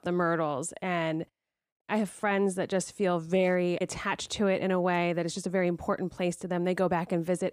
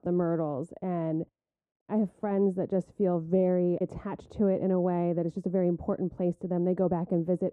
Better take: first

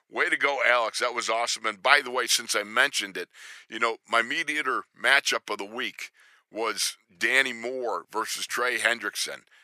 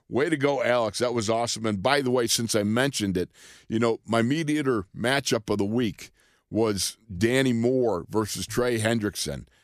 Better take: second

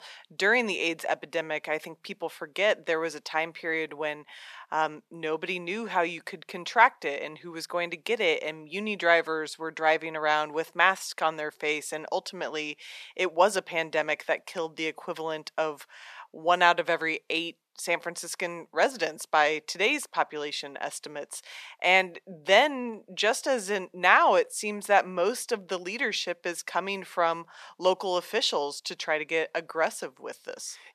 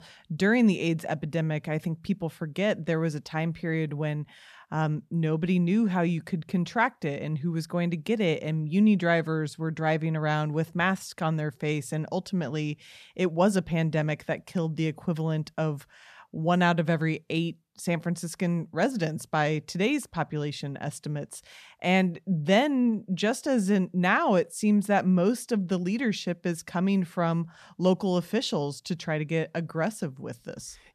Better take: second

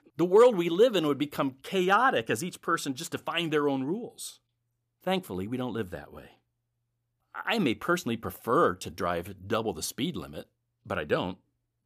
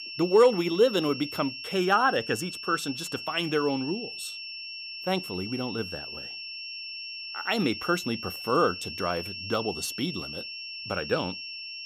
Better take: first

